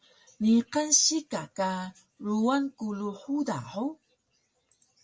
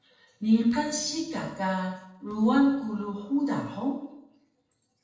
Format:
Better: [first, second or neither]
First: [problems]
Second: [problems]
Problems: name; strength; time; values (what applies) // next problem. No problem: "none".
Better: first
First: none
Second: noise reduction (neural separator model SepFormer DNS4)